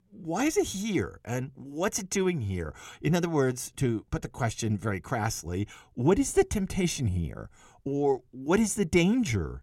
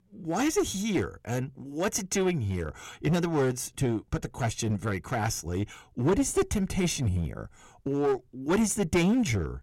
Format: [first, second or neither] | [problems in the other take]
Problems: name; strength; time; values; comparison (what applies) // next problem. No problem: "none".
first | distortion; slight; 6% of the sound clipped